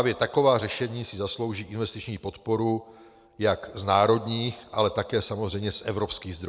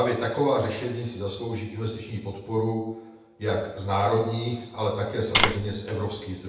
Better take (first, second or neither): first